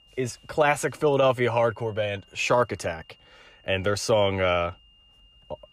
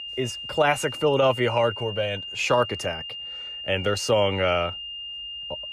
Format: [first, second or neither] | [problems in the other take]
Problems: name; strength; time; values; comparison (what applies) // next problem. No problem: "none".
first | high-pitched whine; loud; throughout; 3 kHz, 9 dB below the speech; faint in the first